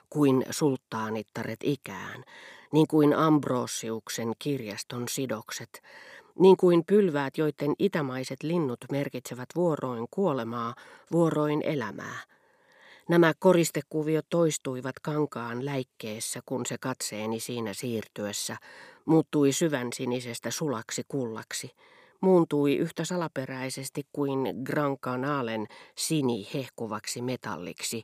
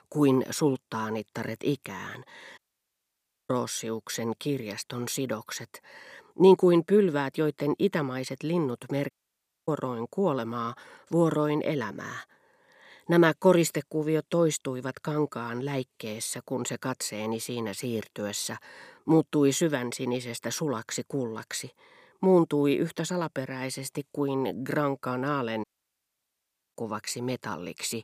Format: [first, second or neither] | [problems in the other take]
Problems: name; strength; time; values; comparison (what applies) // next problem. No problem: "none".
first | audio cutting out; at 2.5 s for 1 s, at 9 s for 0.5 s and at 26 s for 1 s